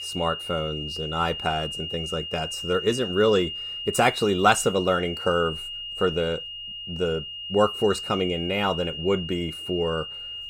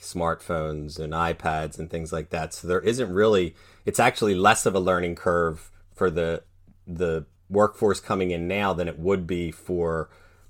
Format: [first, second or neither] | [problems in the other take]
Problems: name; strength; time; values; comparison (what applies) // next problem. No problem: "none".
second | high-pitched whine; loud; throughout; 3 kHz, 7 dB below the speech